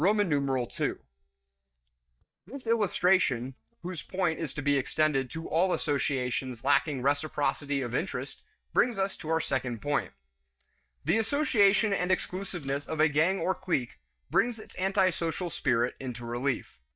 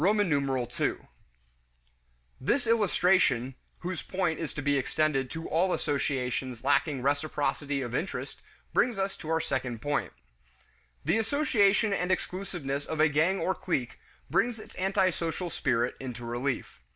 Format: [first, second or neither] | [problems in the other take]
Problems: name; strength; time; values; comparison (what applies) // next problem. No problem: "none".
second | noise reduction (neural mask model DeepFilterNet 3)